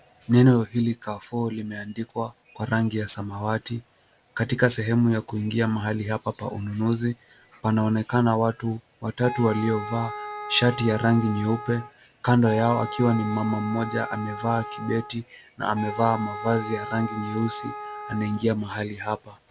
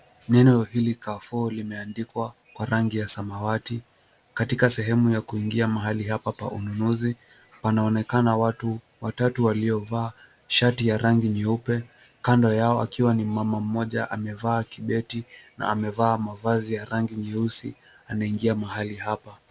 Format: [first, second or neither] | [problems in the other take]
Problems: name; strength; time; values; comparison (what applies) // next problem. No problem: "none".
second | background sound (Wind instrument, woodwind instrument); 10 dB below the speech